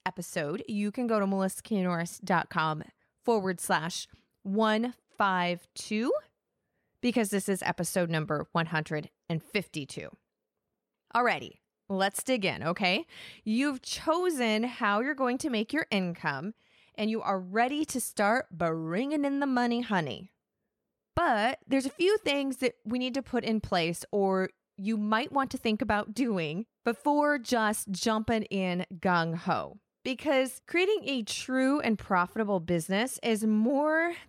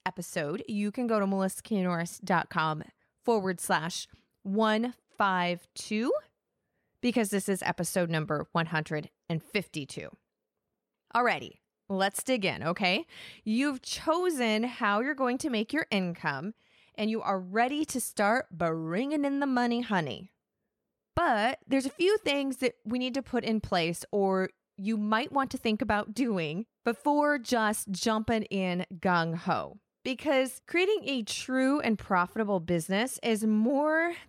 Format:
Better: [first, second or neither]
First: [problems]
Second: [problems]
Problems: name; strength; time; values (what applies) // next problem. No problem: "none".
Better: neither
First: none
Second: none